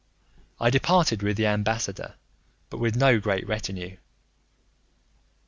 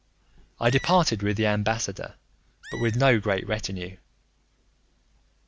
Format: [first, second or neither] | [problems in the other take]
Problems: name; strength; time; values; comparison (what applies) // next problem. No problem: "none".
first | background sound (Animal); 20 dB below the speech